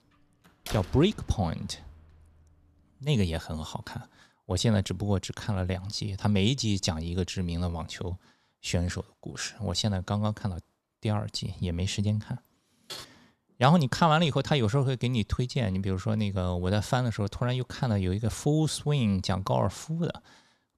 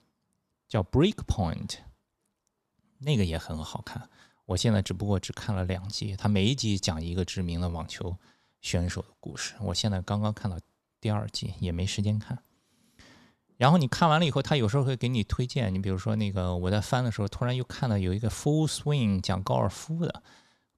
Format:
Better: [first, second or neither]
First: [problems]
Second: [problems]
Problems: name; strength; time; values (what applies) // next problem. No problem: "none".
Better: second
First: door banging; faint; from 0.5 to 2 s; peak 10 dB below the speech // keyboard typing; faint; at 13 s; peak 15 dB below the speech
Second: none